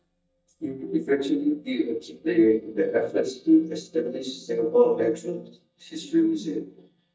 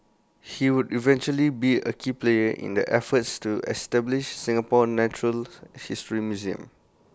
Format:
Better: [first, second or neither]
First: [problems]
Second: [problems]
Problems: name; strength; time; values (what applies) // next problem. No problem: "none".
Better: second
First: noise reduction (neural mask model DeepFilterNet 3)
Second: none